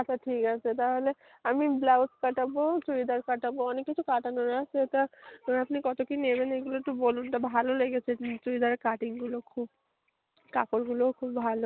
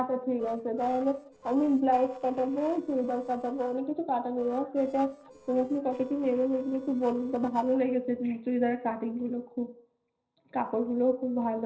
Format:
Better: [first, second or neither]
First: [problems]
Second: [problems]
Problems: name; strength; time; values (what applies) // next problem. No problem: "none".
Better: first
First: none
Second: noise reduction (neural separator model SepFormer DNS4)